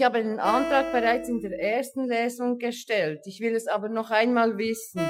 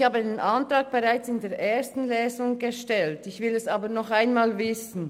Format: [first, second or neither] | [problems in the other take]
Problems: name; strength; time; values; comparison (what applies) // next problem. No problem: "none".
second | noise reduction (classical method Wiener filter)